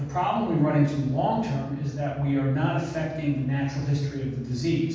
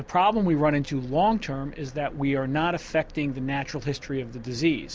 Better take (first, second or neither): second